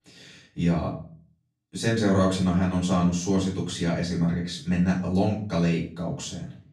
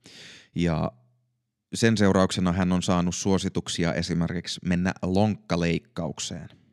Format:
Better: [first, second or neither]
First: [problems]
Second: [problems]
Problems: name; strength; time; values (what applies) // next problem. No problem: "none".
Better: second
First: off-mic speech; far // room echo; slight; dies away in 0.4 s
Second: none